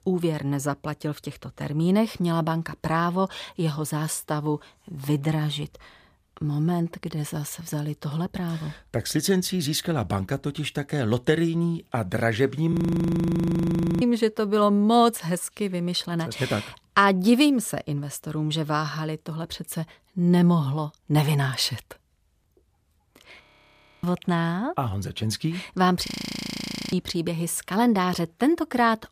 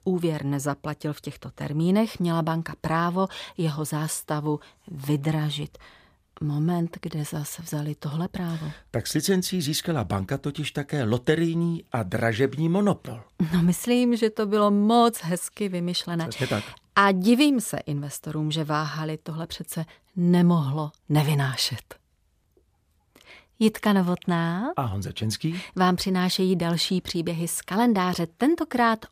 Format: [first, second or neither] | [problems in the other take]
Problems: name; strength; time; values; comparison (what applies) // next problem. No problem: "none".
second | audio freezing; at 13 s for 1.5 s, at 23 s for 0.5 s and at 26 s for 1 s